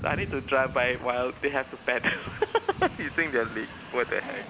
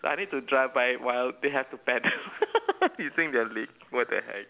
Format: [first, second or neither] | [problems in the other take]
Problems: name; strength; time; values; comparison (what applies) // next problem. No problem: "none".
second | background sound (Train); 12 dB below the speech